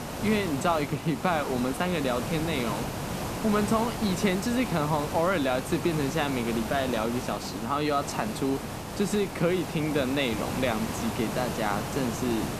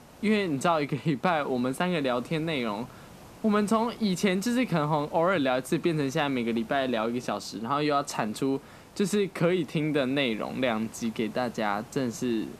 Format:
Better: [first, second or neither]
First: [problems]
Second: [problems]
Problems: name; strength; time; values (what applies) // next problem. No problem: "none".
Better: second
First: hiss; loud; throughout; 5 dB below the speech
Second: hiss; faint; throughout; 20 dB below the speech